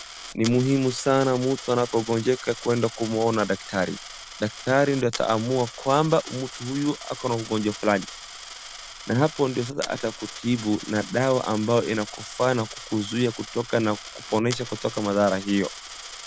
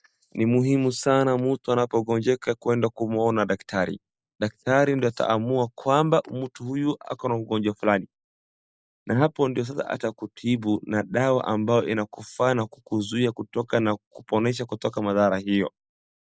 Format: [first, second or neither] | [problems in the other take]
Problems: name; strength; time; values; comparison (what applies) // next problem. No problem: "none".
second | background sound (Coin (dropping)); 14 dB below the speech